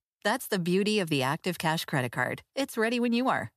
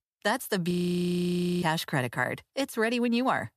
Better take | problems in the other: first | audio freezing; at 0.5 s for 1 s

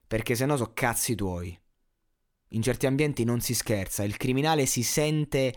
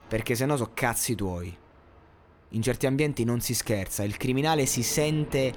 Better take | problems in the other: first | train or aircraft noise; faint; throughout; 20 dB below the speech

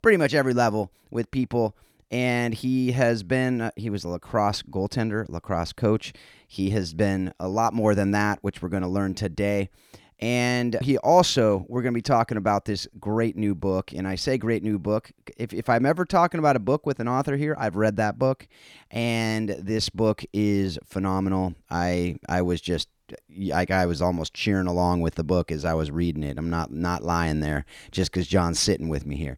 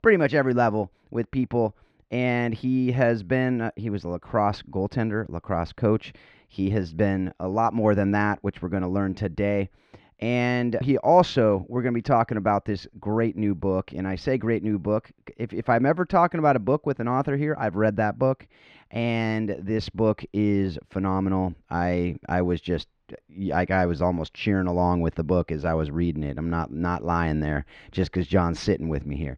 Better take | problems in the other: first | muffled; slightly; fading above 2.5 kHz

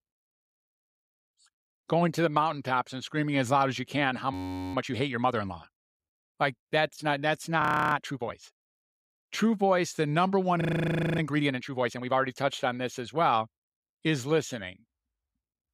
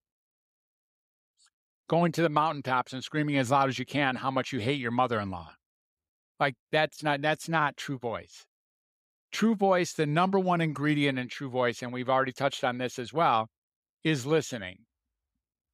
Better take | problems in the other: second | audio freezing; at 4.5 s, at 7.5 s and at 11 s for 0.5 s

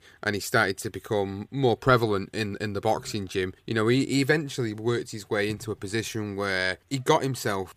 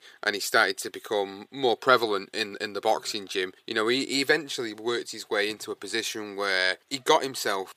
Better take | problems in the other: first | thin; somewhat; fading below 400 Hz

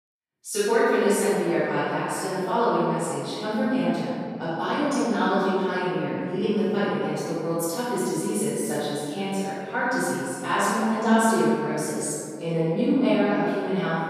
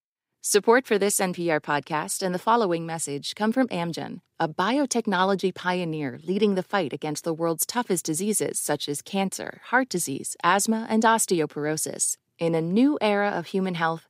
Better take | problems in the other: second | off-mic speech; far // room echo; strong; dies away in 2.2 s

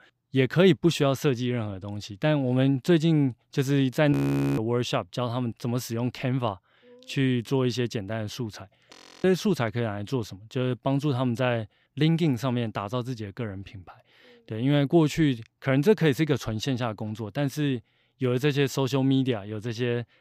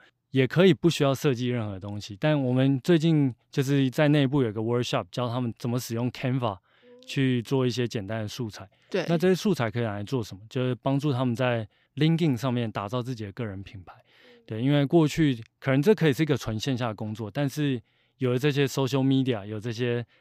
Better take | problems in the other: second | audio freezing; at 4 s and at 9 s

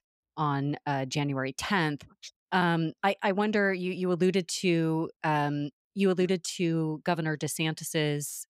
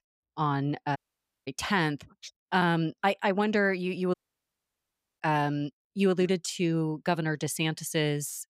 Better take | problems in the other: first | audio cutting out; at 1 s for 0.5 s and at 4 s for 1 s

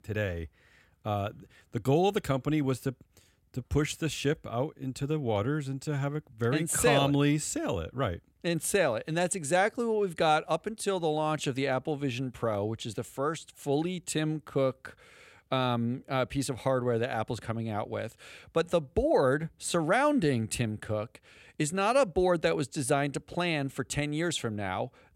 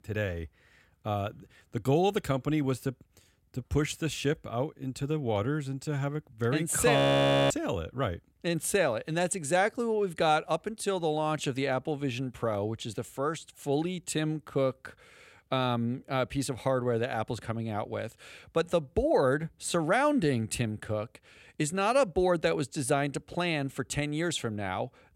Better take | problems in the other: first | audio freezing; at 7 s for 0.5 s

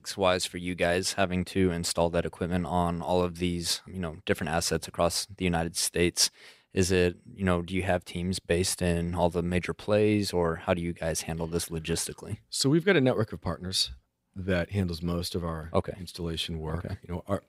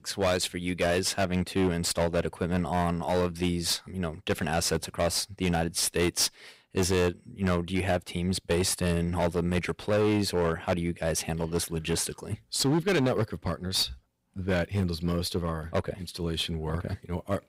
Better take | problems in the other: first | distortion; slight; 9% of the sound clipped

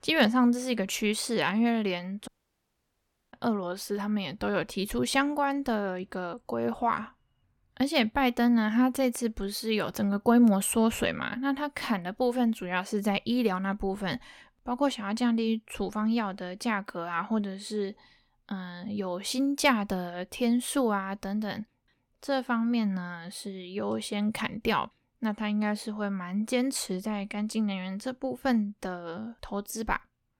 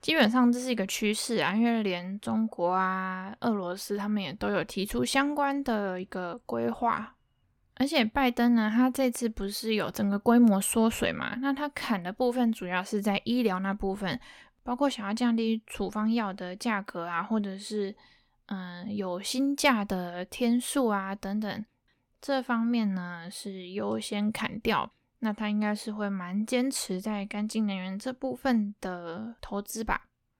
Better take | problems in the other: second | audio cutting out; at 2.5 s for 1 s

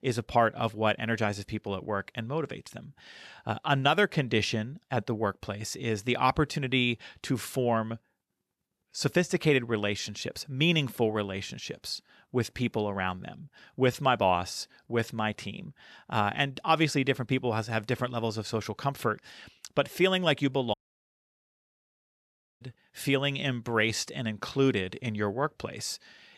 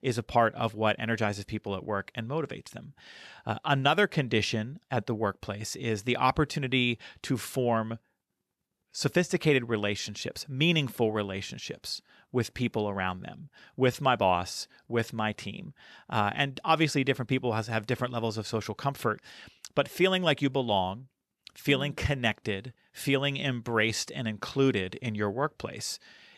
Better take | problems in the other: second | audio cutting out; at 21 s for 2 s

